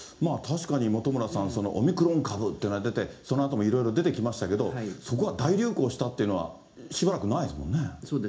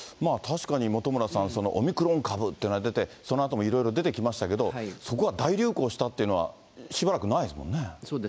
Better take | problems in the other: second | room echo; dies away in 0.4 s

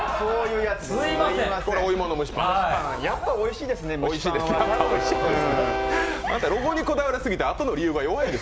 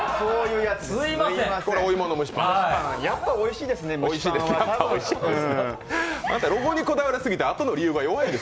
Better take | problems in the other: second | background sound (Train); 7 dB below the speech

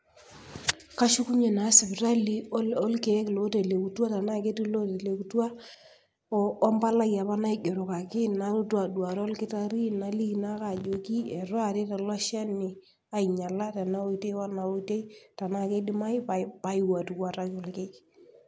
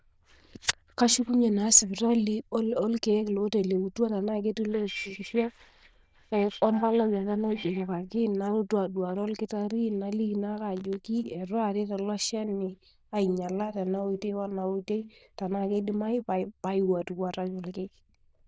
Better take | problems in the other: first | noise reduction (neural diffusion model UNIVERSE++)

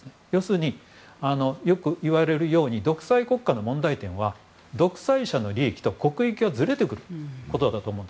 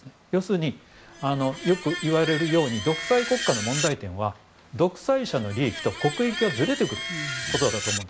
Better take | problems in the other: first | background sound (Screech); 8 dB below the speech

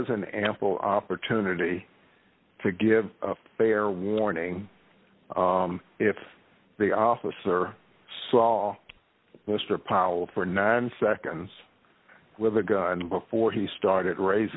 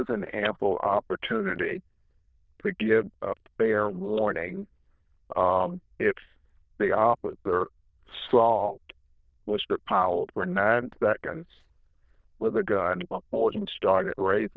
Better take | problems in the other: first | noise reduction (neural diffusion model UNIVERSE++)

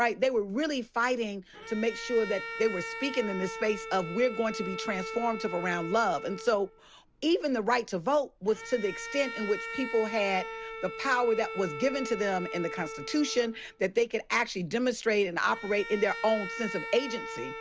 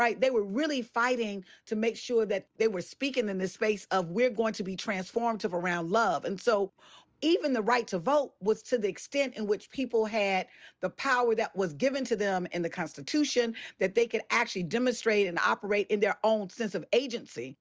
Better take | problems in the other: second | background sound (Bowed string instrument); 11 dB below the speech

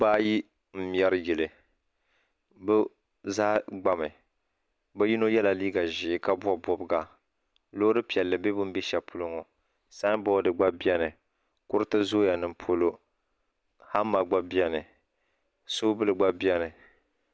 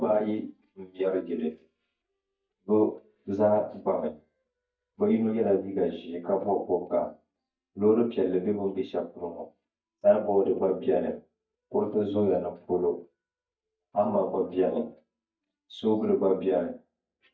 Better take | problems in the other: first | noise reduction (neural mask model DeepFilterNet 3)

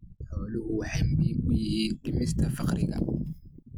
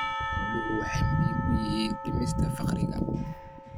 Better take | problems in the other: first | background sound (Church bell / Percussion); 6 dB below the speech

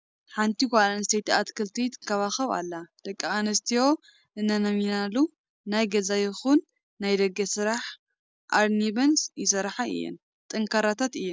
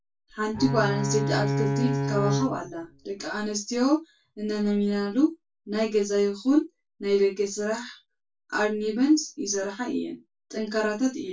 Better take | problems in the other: first | background sound (Bowed string instrument); 2 dB below the speech // room echo; dies away in 0.2 s

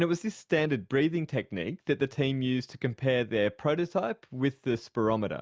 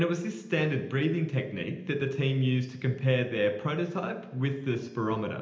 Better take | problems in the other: first | room echo; dies away in 0.9 s

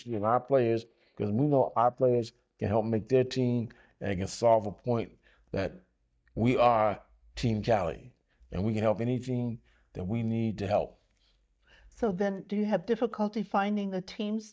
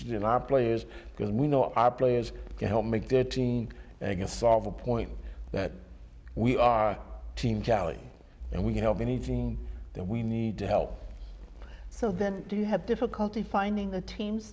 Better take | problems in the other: second | noise reduction (neural mask model DeepFilterNet 3)

